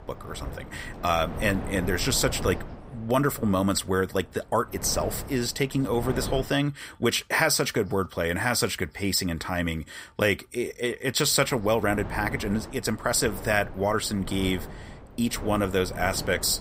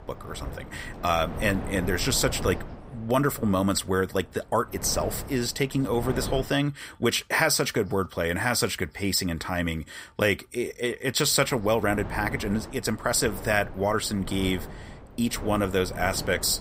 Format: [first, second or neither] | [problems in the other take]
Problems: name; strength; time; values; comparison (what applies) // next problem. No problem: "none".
neither | wind noise on the microphone; occasional gusts; until 6.5 s and from 11 s on; 15 dB below the speech; the same in both